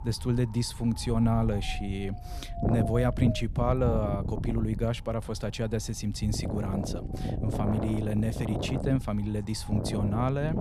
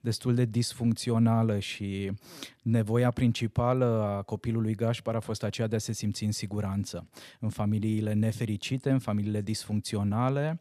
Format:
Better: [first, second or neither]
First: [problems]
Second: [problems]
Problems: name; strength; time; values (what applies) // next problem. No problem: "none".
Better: second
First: wind noise on the microphone; heavy; 6 dB below the speech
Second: none